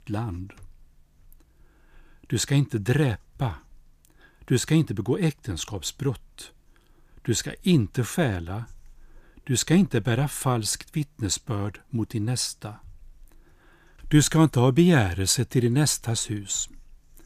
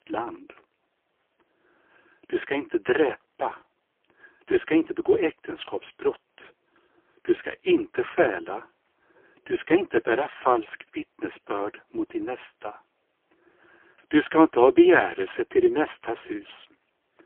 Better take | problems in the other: first | phone-call audio; poor line; nothing above 3.5 kHz

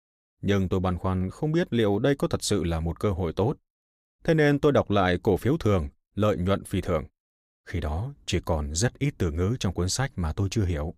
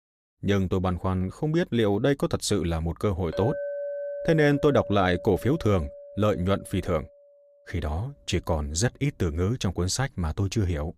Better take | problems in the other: first | clattering dishes; noticeable; from 3.5 to 7 s; peak 6 dB below the speech

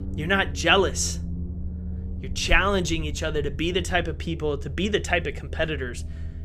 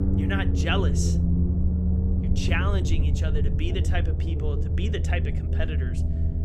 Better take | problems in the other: first | low rumble; loud; throughout; 5 dB below the speech; faint in the first

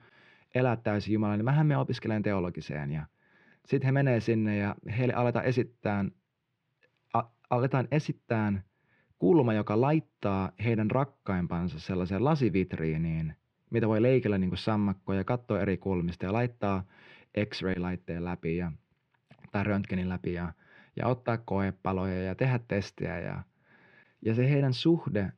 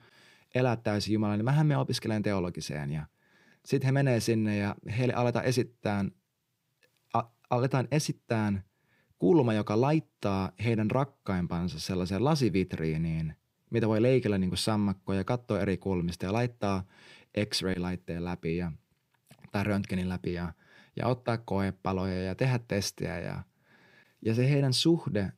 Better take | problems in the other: second | muffled; slightly; fading above 2.5 kHz

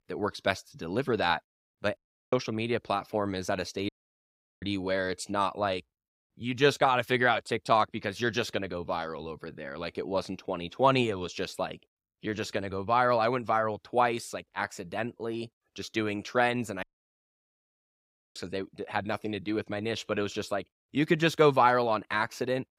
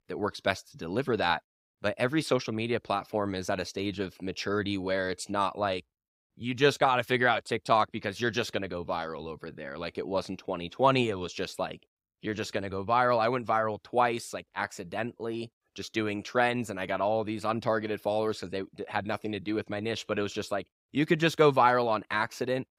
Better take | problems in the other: second | audio cutting out; at 2 s, at 4 s for 0.5 s and at 17 s for 1.5 s

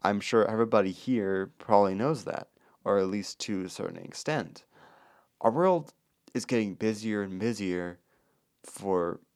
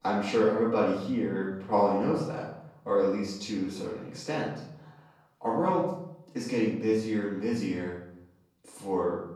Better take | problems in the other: first | off-mic speech; far // room echo; noticeable; dies away in 0.8 s

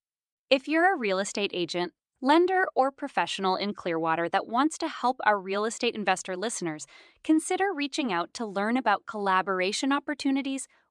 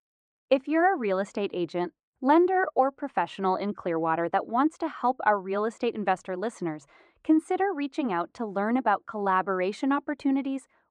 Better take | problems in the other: first | muffled; slightly; fading above 2.5 kHz

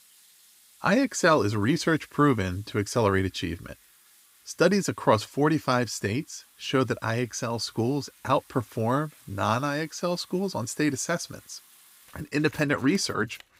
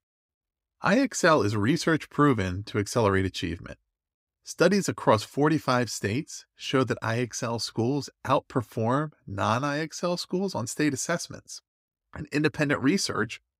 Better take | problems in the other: second | household noises; faint; throughout; 25 dB below the speech

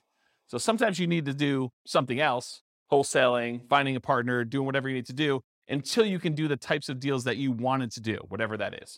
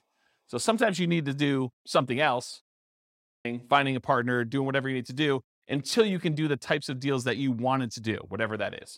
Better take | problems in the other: first | audio cutting out; at 2.5 s for 1 s

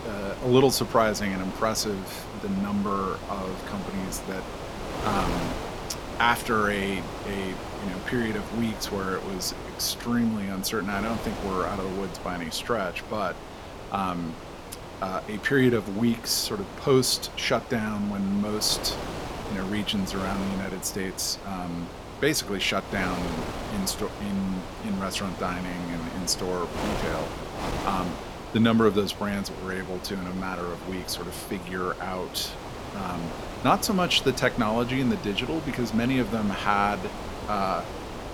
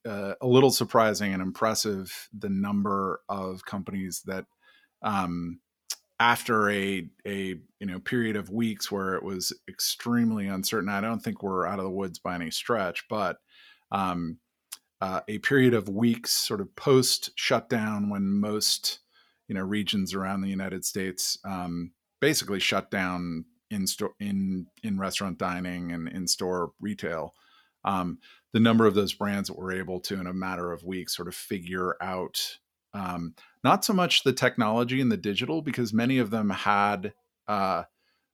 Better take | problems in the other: second | wind noise on the microphone; heavy; 8 dB below the speech

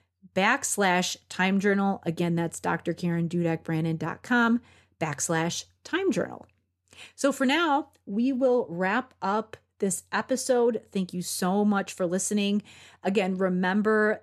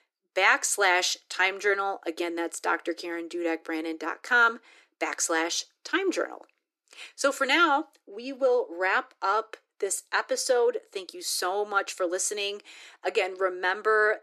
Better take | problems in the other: first | thin; very; fading below 300 Hz

